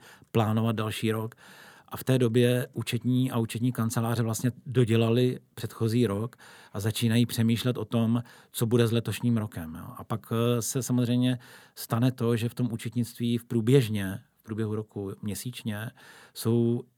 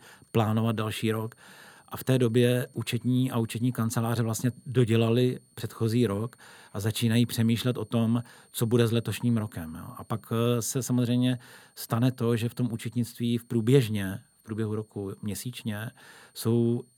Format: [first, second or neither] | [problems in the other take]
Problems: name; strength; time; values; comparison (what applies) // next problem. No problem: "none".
first | high-pitched whine; faint; throughout; 9 kHz, 35 dB below the speech